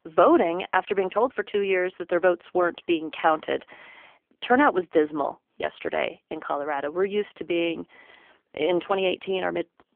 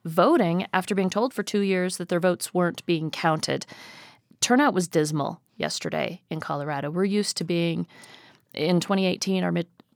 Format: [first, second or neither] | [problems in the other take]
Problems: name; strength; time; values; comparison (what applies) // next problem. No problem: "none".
second | phone-call audio; poor line; nothing above 3.5 kHz